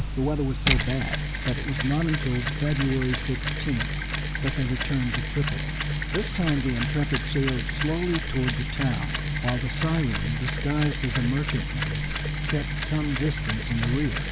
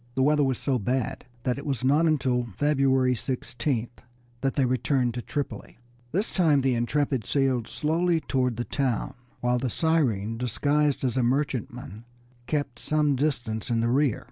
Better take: second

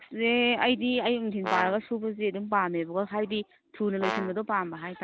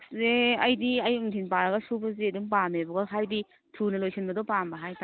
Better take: second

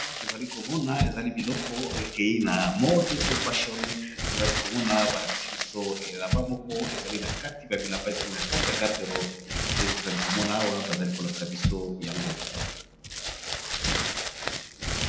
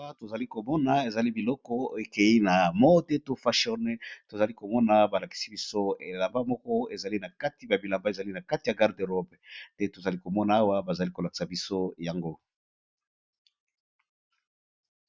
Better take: second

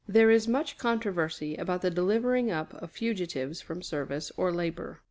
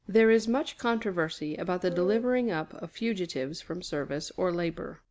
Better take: first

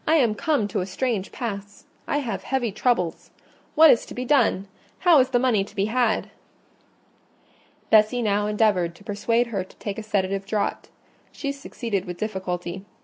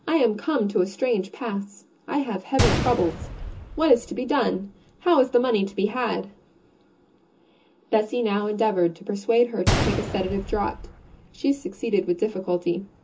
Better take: first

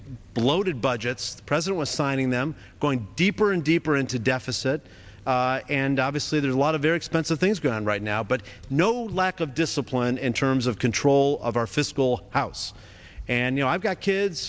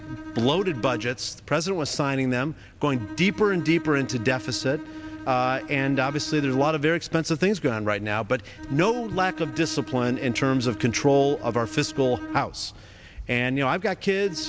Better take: first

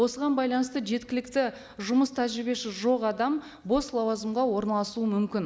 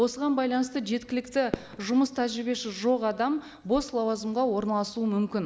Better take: first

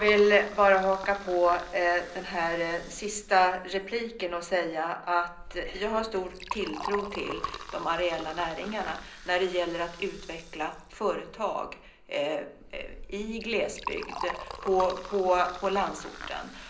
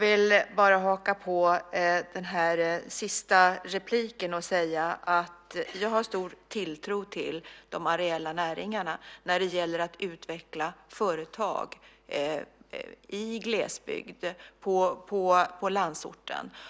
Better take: second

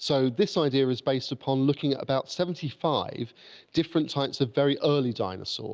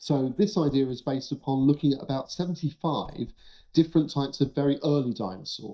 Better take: first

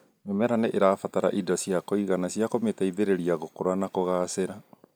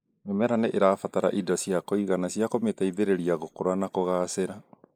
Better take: first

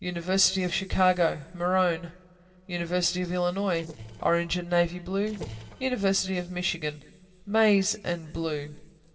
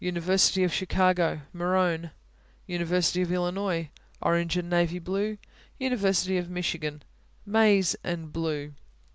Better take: second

